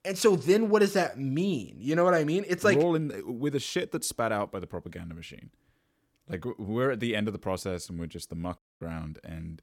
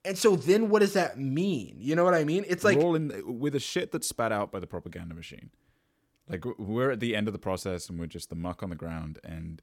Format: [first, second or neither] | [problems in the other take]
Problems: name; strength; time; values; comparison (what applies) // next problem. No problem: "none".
second | audio cutting out; at 8.5 s